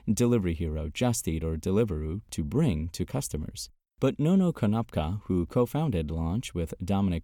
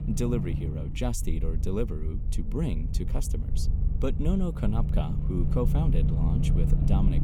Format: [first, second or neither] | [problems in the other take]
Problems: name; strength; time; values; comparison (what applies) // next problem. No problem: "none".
first | low rumble; loud; throughout; 5 dB below the speech